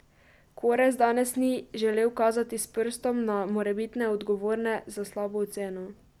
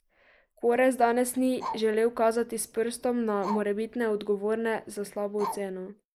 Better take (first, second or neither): first